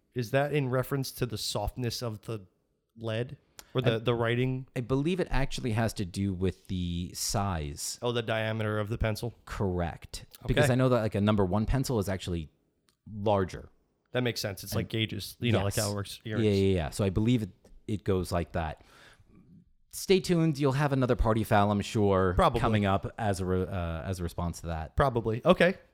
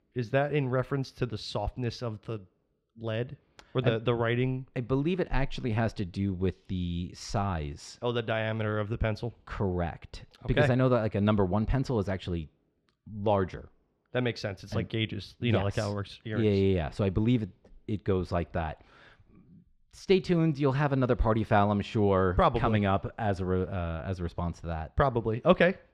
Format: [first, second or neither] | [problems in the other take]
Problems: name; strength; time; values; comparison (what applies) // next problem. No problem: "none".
first | muffled; slightly; fading above 3.5 kHz